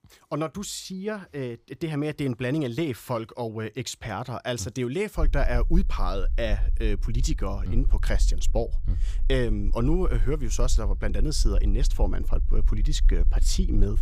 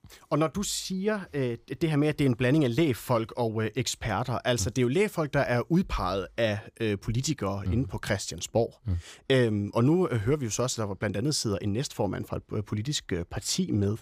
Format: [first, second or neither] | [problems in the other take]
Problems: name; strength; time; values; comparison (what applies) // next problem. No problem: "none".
second | low rumble; faint; from 5 s on; 20 dB below the speech